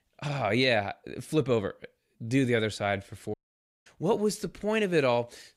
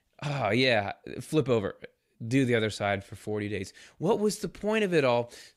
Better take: second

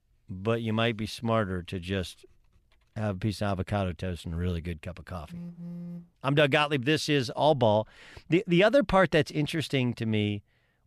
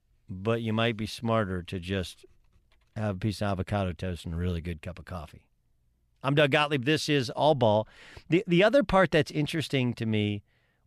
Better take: second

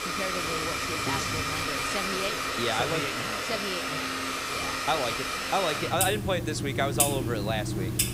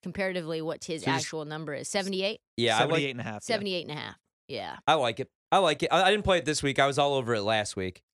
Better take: second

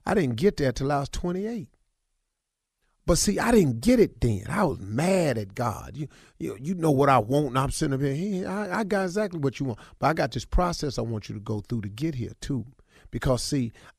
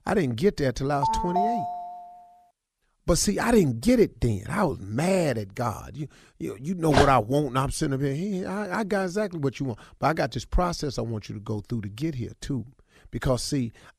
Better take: first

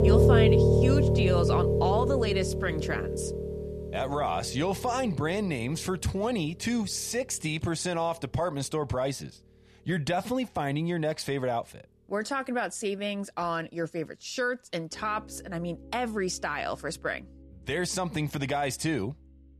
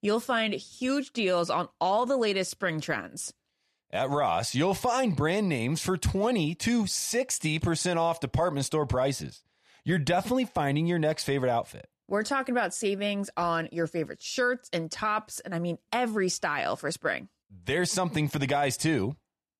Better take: second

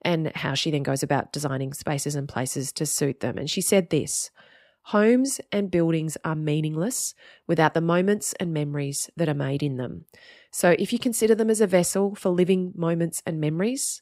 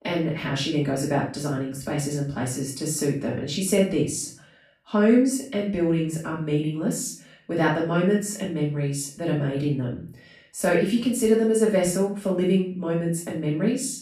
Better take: first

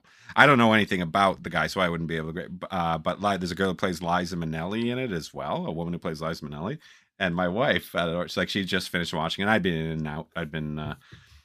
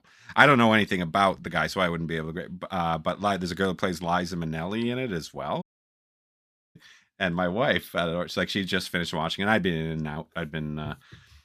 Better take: first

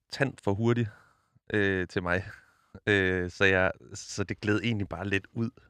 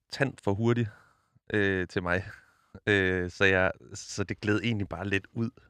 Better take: neither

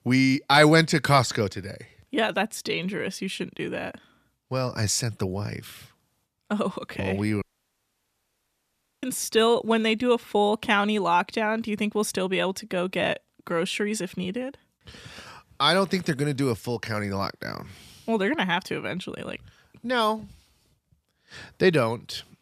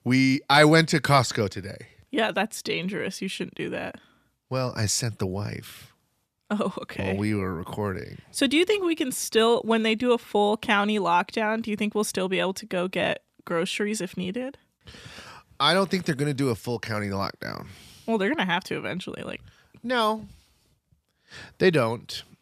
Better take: second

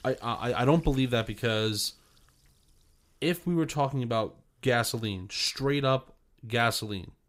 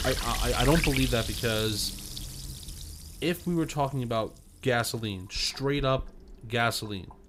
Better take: first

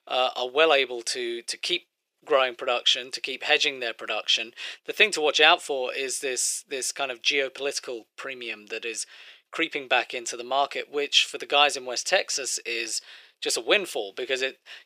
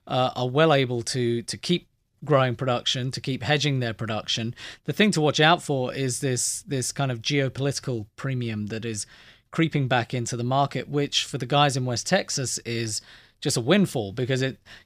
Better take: second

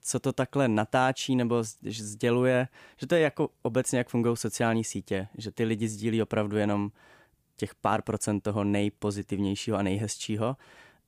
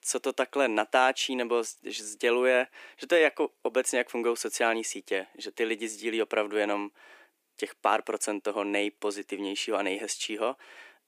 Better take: first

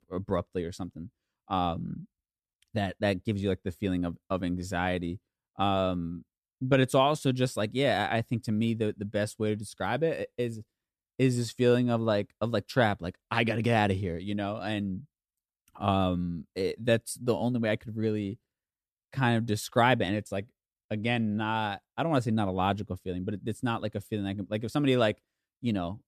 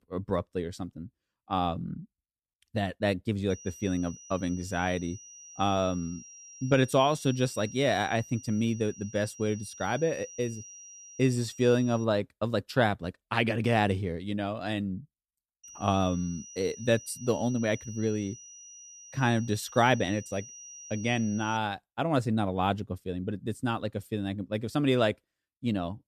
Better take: first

